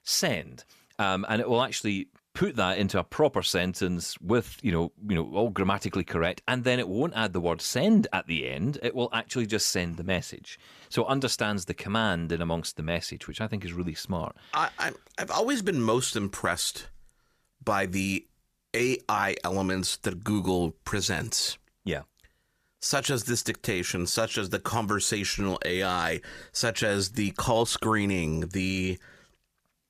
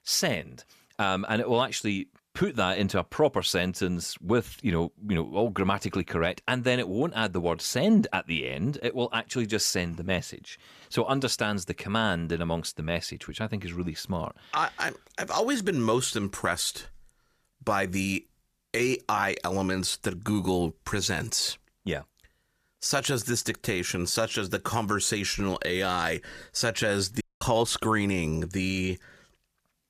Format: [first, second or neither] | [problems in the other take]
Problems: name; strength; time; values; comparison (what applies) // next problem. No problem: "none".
first | audio cutting out; at 27 s